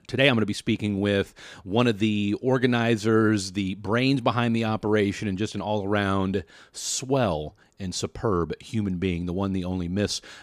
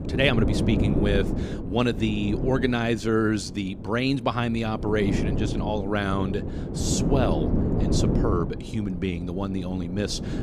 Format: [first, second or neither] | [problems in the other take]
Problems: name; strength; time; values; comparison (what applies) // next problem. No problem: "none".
first | wind noise on the microphone; heavy; 6 dB below the speech